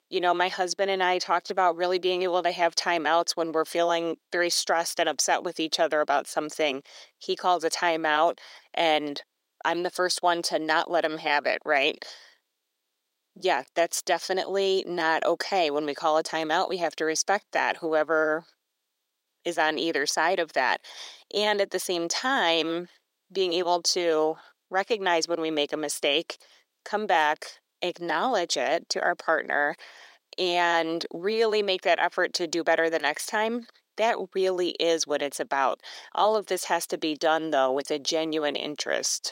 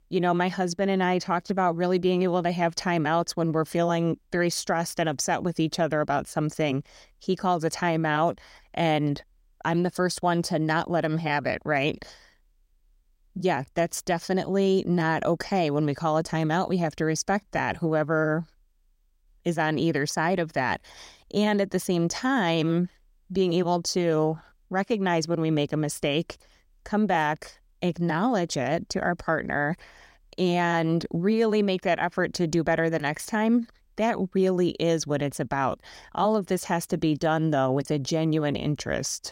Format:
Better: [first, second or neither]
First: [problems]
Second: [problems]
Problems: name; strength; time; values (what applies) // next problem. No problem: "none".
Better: second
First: thin; very; fading below 400 Hz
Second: none